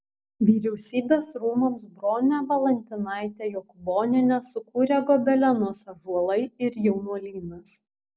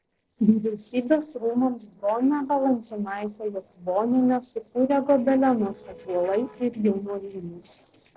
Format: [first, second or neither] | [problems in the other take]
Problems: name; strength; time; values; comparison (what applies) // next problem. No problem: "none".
first | noise reduction (neural separator model SepFormer DNS4)